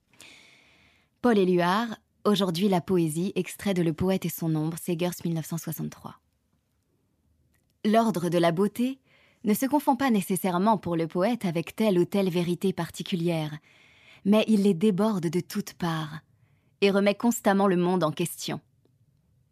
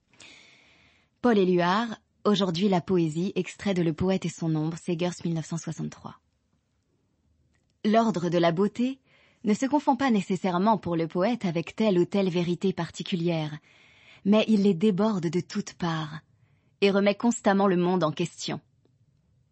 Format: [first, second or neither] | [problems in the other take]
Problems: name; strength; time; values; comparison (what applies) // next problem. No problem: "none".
first | garbled, watery; slightly; nothing above 8 kHz